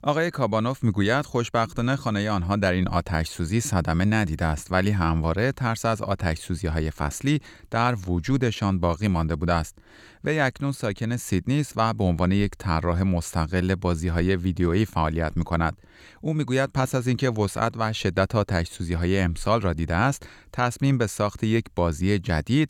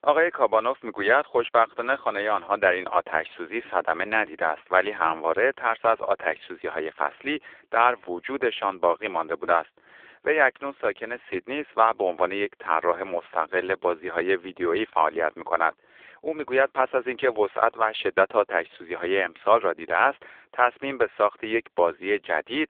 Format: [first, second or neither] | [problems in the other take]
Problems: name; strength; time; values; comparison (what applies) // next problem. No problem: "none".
first | phone-call audio; poor line